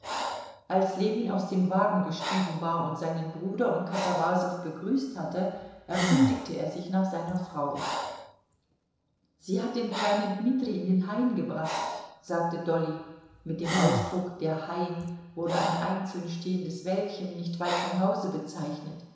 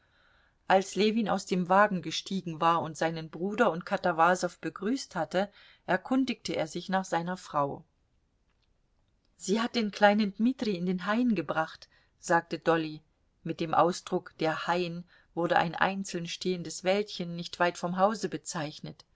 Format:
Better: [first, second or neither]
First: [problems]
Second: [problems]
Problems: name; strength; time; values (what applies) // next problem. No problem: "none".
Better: second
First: background sound (Breathing); 7 dB below the speech // room echo; dies away in 1 s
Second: none